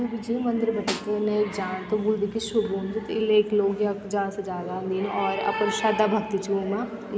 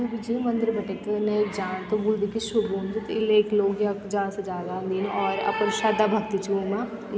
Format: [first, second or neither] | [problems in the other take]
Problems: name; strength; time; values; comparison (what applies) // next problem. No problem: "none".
second | background sound (Snare drum); 13 dB below the speech